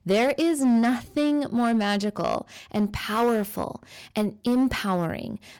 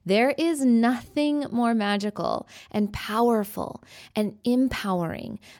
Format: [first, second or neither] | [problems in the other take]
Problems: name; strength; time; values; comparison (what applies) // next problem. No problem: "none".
second | distortion; slight; 7% of the sound clipped